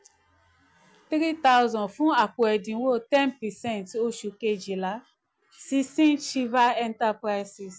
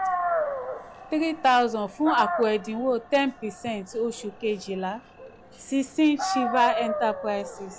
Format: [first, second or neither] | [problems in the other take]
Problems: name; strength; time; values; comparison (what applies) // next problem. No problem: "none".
first | background sound (Dog); 6 dB below the speech